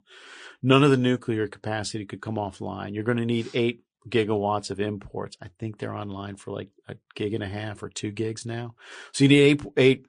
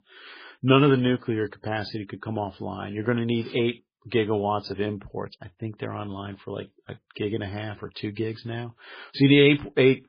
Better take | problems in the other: first | garbled, watery; badly; nothing above 5 kHz; slightly in the first

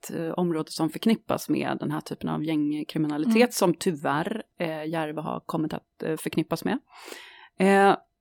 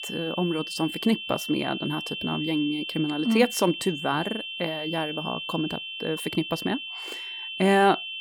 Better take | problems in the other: first | high-pitched whine; loud; throughout; 3 kHz, 6 dB below the speech

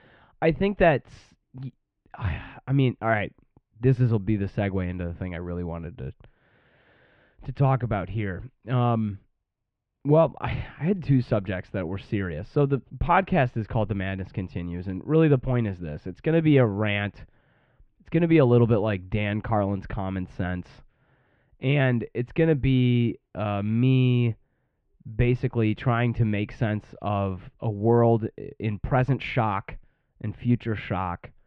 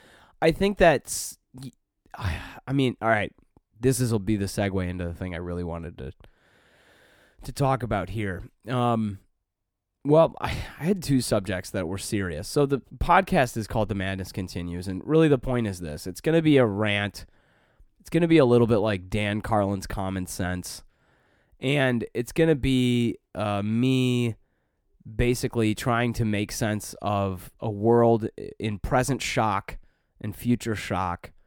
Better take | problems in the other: second | muffled; very; fading above 3 kHz

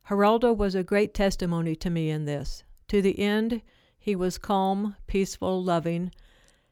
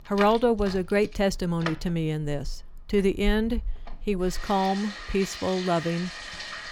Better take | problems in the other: first | household noises; noticeable; throughout; 10 dB below the speech

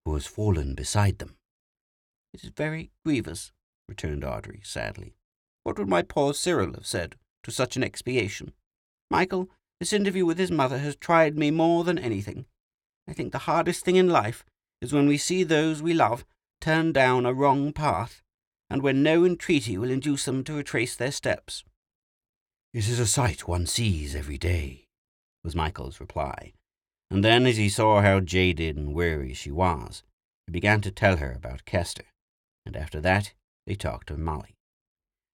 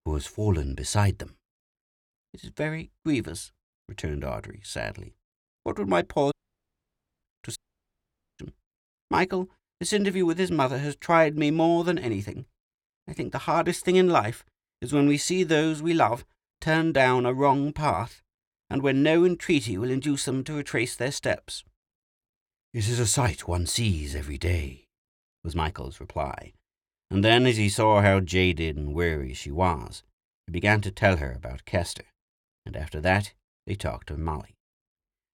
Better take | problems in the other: first | audio cutting out; at 6.5 s for 1 s and at 7.5 s for 1 s

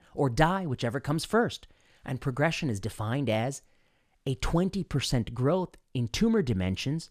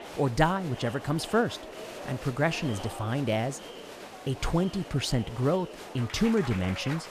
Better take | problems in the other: first | crowd noise; noticeable; throughout; 10 dB below the speech

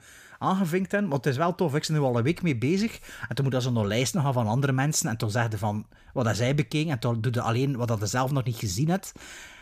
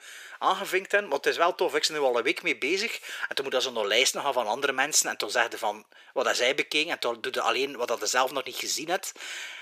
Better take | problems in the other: first | thin; very; fading below 400 Hz

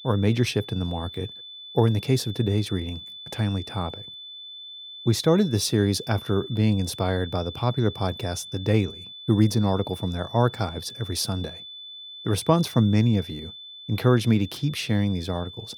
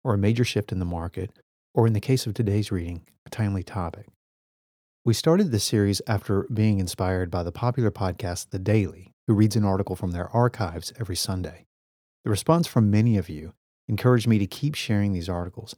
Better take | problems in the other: second | high-pitched whine; noticeable; throughout; 3.5 kHz, 15 dB below the speech

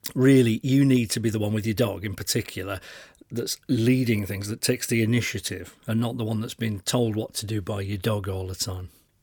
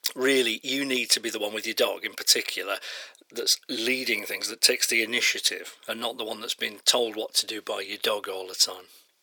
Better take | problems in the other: first | thin; very; fading below 450 Hz

